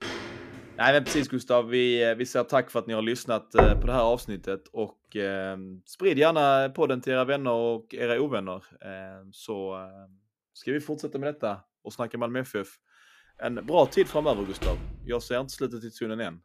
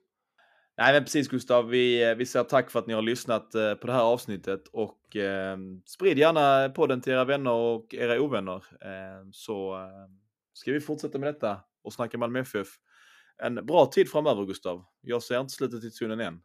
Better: second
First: footsteps; noticeable; until 1 s; peak 8 dB below the speech // door banging; loud; at 3.5 s; peak 5 dB above the speech // door banging; noticeable; from 14 to 15 s; peak 7 dB below the speech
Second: none

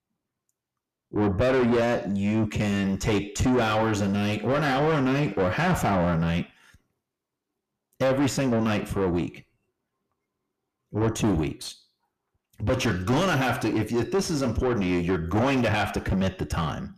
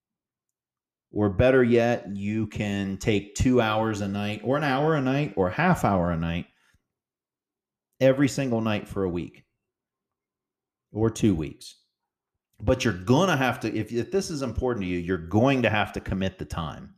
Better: second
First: distortion; heavy; 5 dB below the speech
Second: none

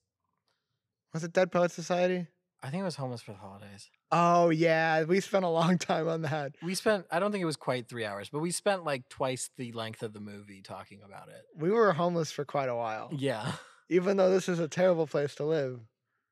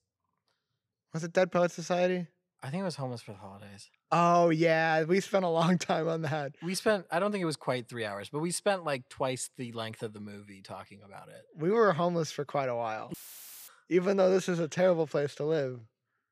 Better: first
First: none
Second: audio cutting out; filled with static; at 13 s for 0.5 s

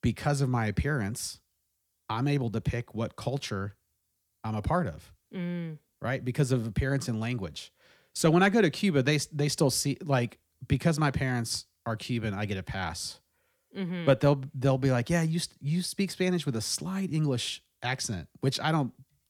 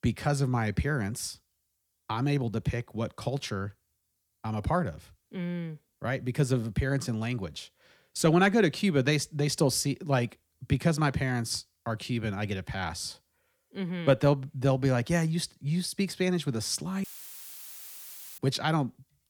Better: first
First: none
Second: audio cutting out; filled with static; at 17 s for 1.5 s

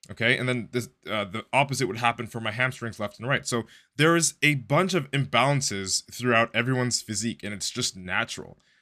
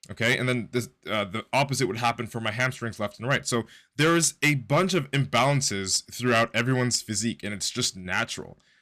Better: first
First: none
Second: distortion; slight; 3% of the sound clipped

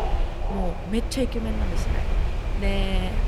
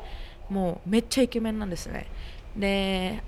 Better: second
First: wind noise on the microphone; heavy; 3 dB below the speech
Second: wind noise on the microphone; occasional gusts; 20 dB below the speech

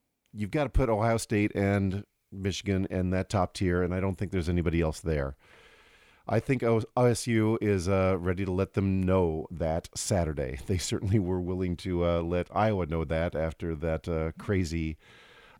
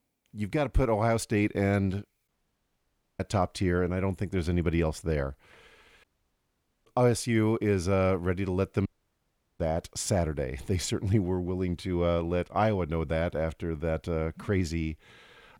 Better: first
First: none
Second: audio cutting out; at 2.5 s for 1 s, at 6 s for 1 s and at 9 s for 0.5 s

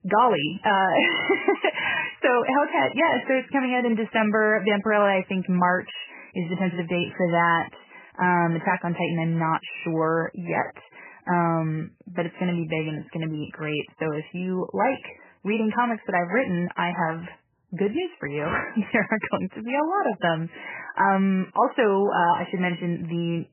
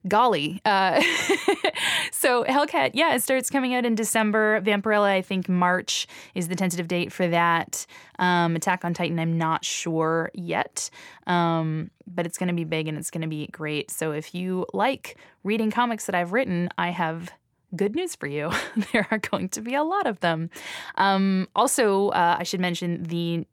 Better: second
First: garbled, watery; badly; nothing above 3 kHz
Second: none

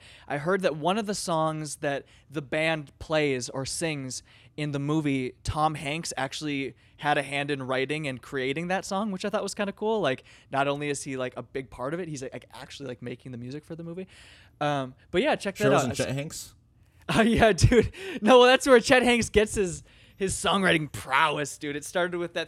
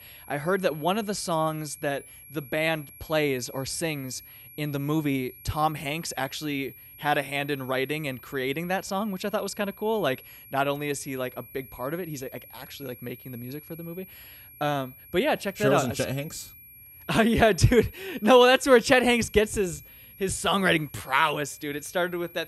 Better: first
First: none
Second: high-pitched whine; noticeable; throughout; 11.5 kHz, 20 dB below the speech

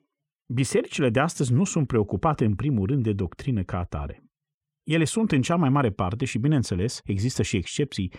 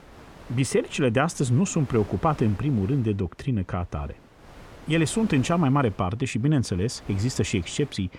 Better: first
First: none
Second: wind noise on the microphone; occasional gusts; 20 dB below the speech

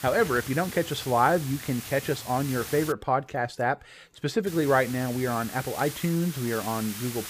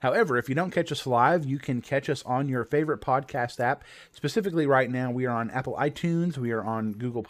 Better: second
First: hiss; noticeable; until 3 s and from 4.5 s on; 10 dB below the speech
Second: none

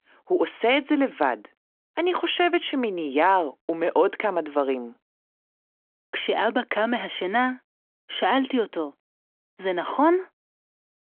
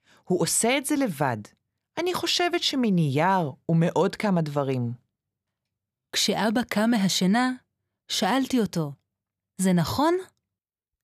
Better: second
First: phone-call audio; nothing above 3.5 kHz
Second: none

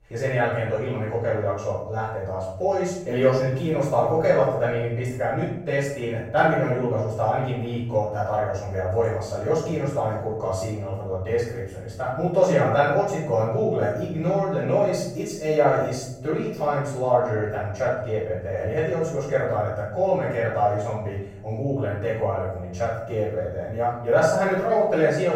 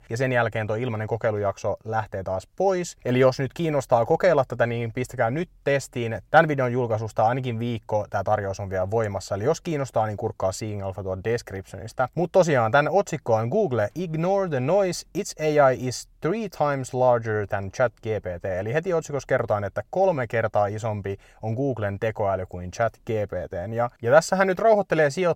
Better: second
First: off-mic speech; far // room echo; noticeable; dies away in 0.8 s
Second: none

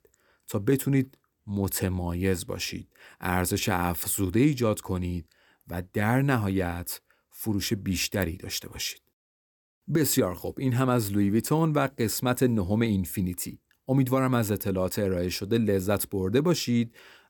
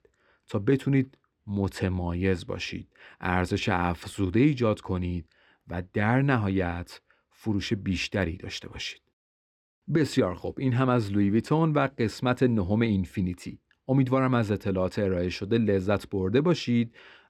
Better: first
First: none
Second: muffled; slightly; fading above 3 kHz

